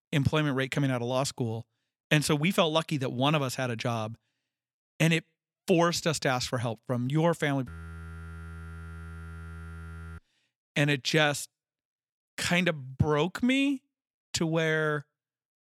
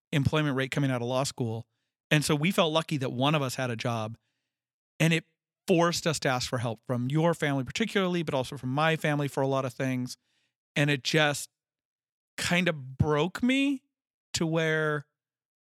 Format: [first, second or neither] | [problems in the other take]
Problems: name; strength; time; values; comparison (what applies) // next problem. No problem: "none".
second | audio freezing; at 7.5 s for 2.5 s